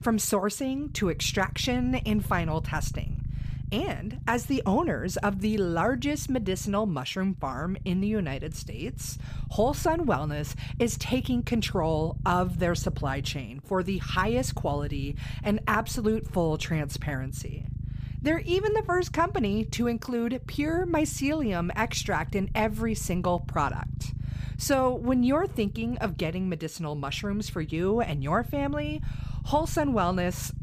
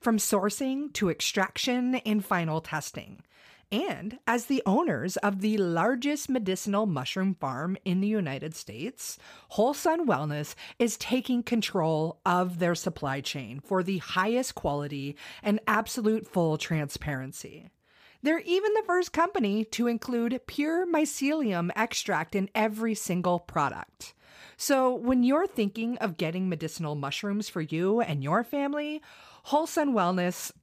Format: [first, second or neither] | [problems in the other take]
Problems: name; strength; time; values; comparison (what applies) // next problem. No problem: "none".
second | low rumble; faint; throughout; 20 dB below the speech